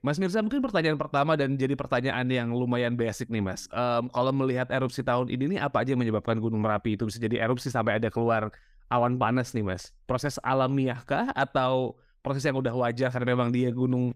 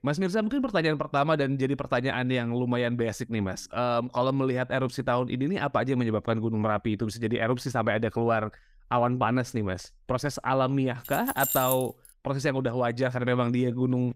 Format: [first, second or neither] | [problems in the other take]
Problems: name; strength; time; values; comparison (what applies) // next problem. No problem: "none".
first | jangling keys; noticeable; at 11 s; peak level with the speech